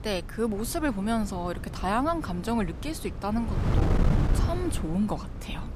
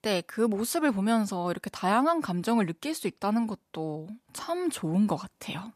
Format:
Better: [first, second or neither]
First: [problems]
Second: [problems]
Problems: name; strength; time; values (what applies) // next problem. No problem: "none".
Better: second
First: wind noise on the microphone; heavy; 8 dB below the speech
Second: none